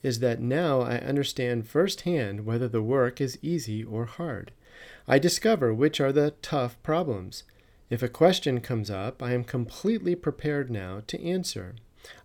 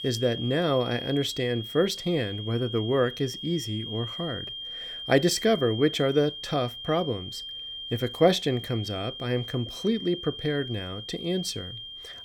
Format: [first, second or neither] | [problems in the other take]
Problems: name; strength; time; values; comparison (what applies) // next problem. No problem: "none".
first | high-pitched whine; loud; throughout; 3 kHz, 9 dB below the speech